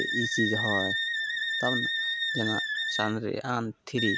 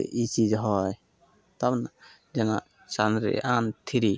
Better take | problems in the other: second | background sound (Wind instrument, woodwind instrument); 2 dB above the speech

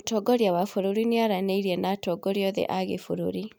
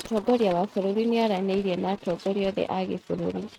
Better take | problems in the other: first | noise reduction (neural mask model RNNoise)

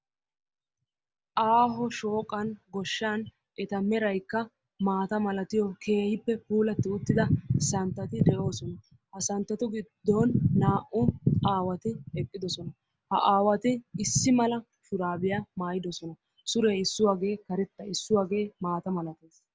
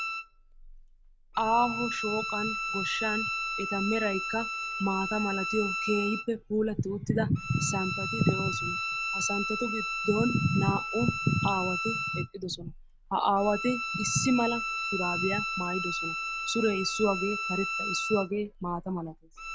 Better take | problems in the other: first | background sound (Bowed string instrument); 4 dB below the speech

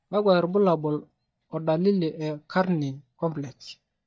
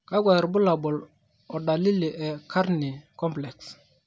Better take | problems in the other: second | noise reduction (neural mask model DeepFilterNet 3)

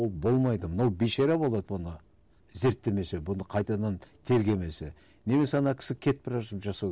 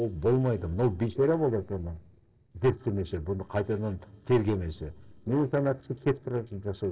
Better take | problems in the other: first | noise reduction (neural separator model SepFormer DNS4)

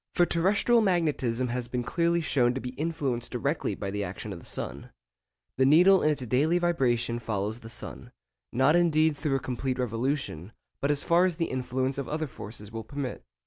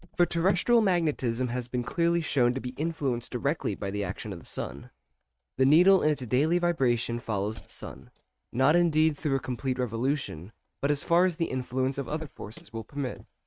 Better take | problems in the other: first | noise reduction (neural mask model RNNoise)

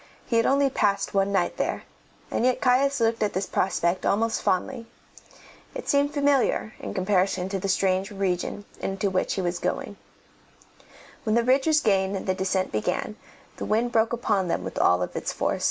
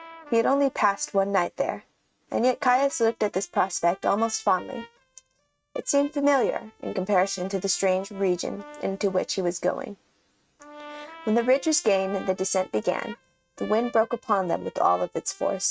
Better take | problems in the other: first | noise reduction (neural mask model RNNoise)

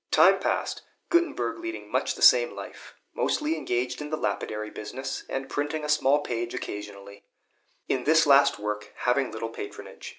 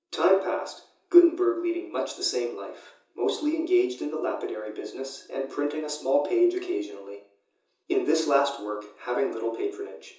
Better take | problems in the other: first | room echo; dies away in 0.6 s

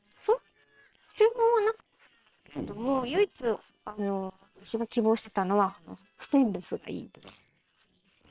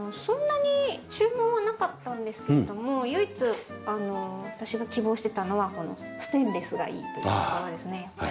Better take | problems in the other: second | noise reduction (neural separator model SepFormer WHAM!)

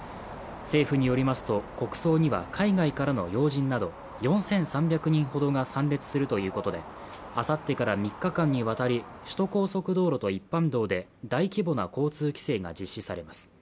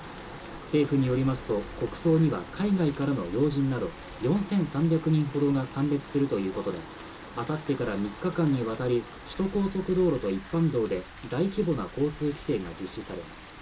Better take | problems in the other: first | background sound (Rain); 17 dB below the speech // room echo; dies away in 0.2 s

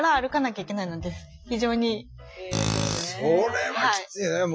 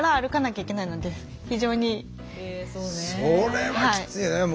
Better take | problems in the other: second | noise reduction (classical method Wiener filter)

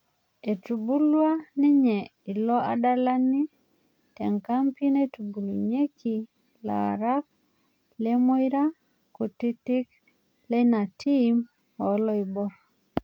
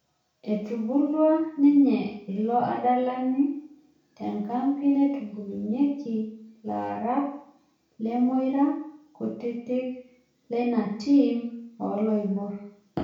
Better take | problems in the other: first | room echo; dies away in 0.6 s

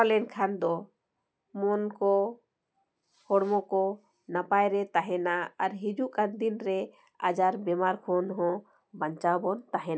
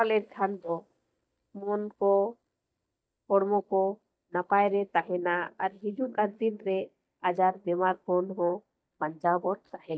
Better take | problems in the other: first | noise reduction (neural mask model DeepFilterNet 3)

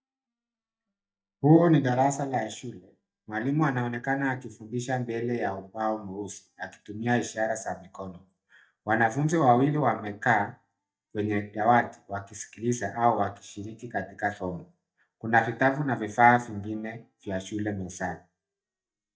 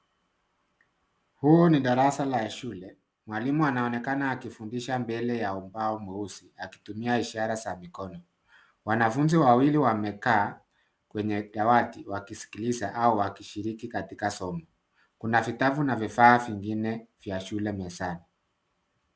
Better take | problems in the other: second | noise reduction (neural mask model DeepFilterNet 3)

